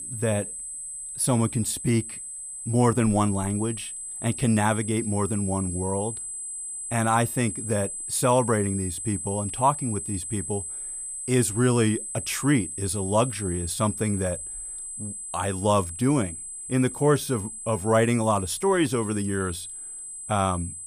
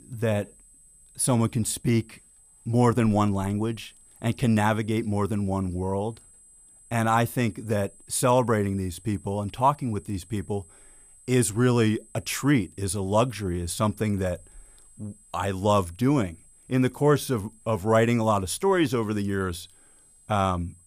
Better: second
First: high-pitched whine; loud; throughout; 8 kHz, 7 dB below the speech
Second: high-pitched whine; faint; throughout; 8 kHz, 25 dB below the speech

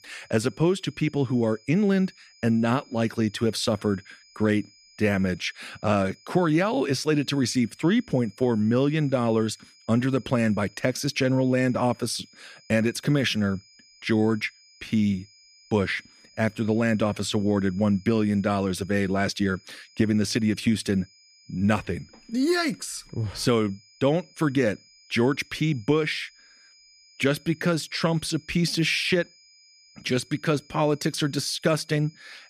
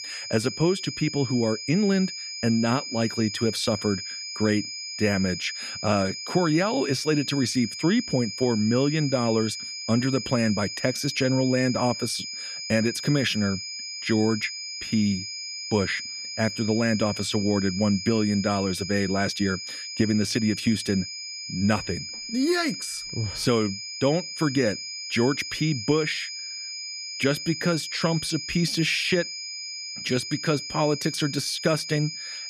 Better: first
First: high-pitched whine; faint; throughout; 5 kHz, 30 dB below the speech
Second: high-pitched whine; loud; throughout; 5 kHz, 7 dB below the speech

